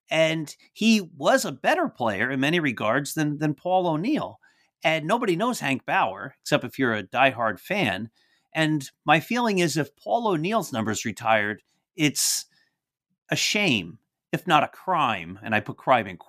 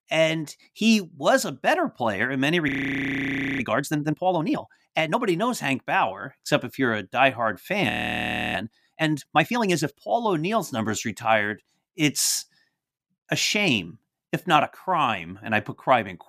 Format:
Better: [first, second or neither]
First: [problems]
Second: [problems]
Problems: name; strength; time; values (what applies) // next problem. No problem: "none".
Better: first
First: none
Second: audio freezing; at 2.5 s for 1 s and at 8 s for 0.5 s